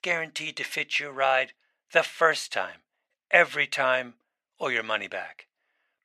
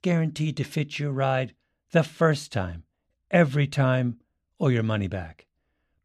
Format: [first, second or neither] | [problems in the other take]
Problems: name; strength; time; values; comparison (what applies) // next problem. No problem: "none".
second | thin; very; fading below 800 Hz